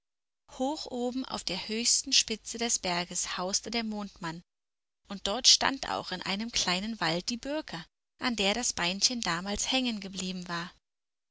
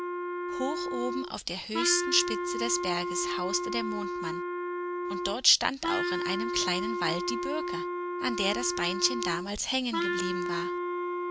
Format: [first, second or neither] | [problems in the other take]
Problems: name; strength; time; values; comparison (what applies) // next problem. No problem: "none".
first | background sound (Wind instrument, woodwind instrument); as loud as the speech